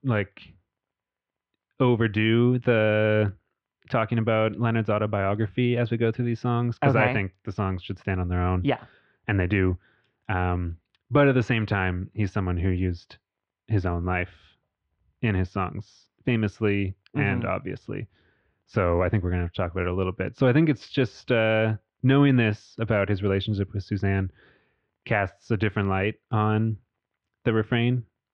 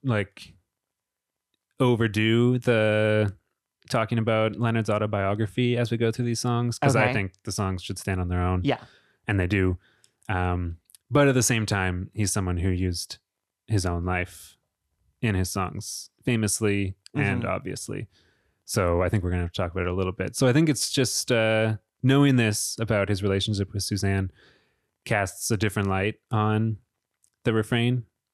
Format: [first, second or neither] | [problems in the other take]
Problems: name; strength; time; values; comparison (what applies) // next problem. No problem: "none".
second | muffled; very; fading above 3 kHz